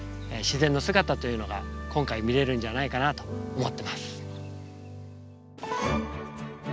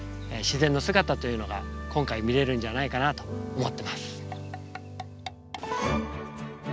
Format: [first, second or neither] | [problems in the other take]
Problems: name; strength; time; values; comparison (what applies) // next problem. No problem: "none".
first | background sound (Tap / Percussion); 16 dB below the speech